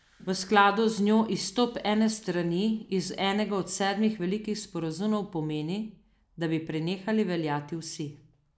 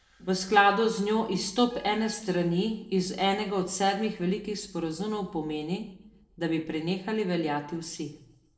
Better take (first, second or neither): first